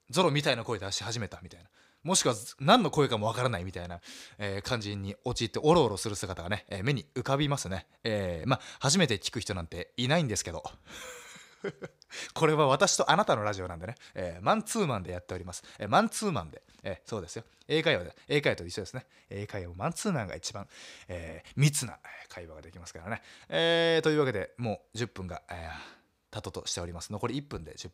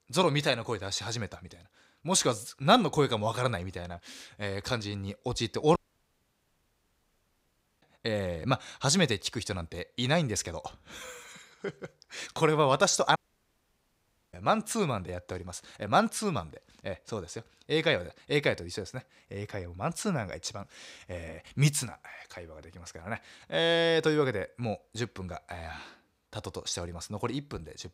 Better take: first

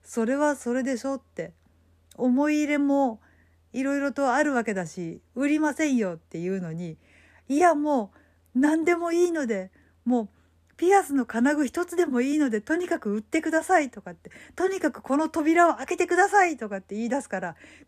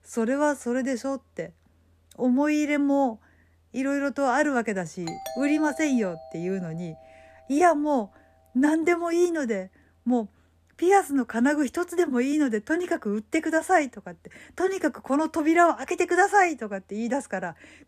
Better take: first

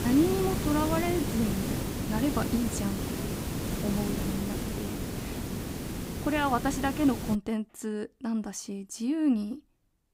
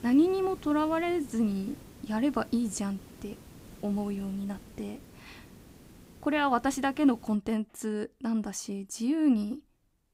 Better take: second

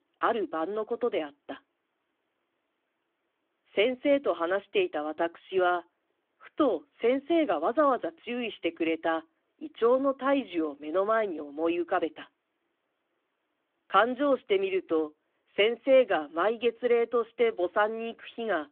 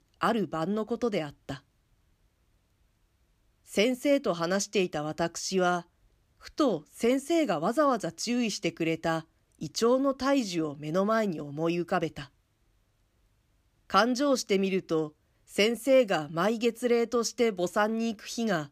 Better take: second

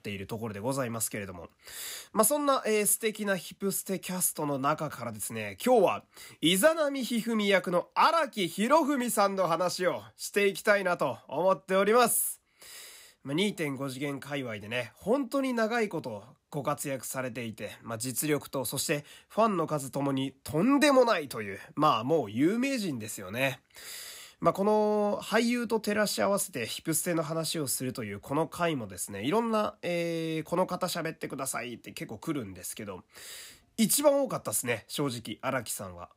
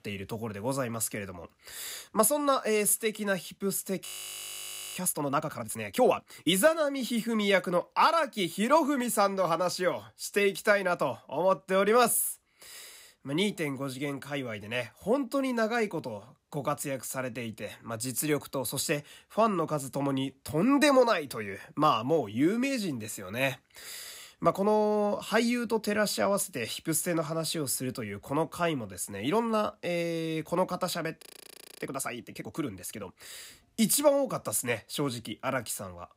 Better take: first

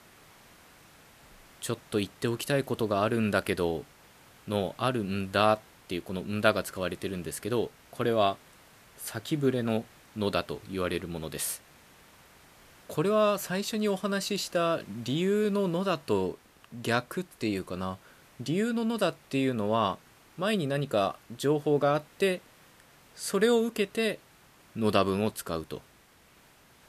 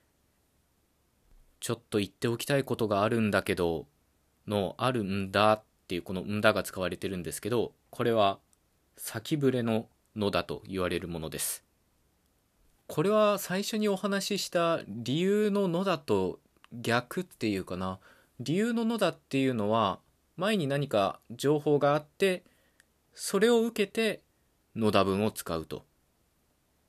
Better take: second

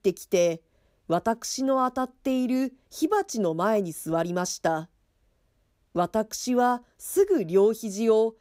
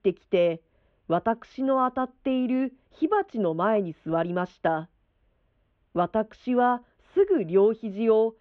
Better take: first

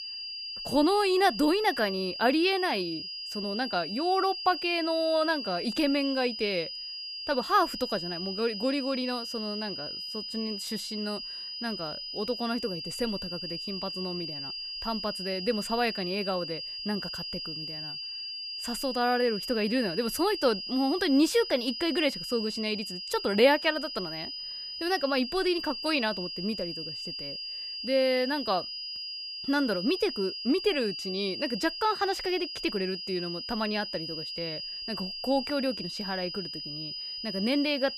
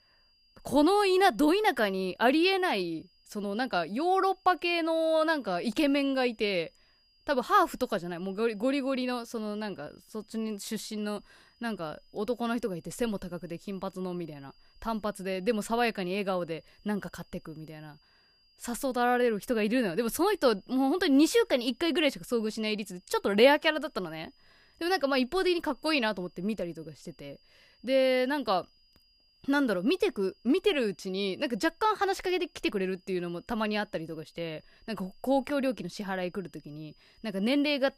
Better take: second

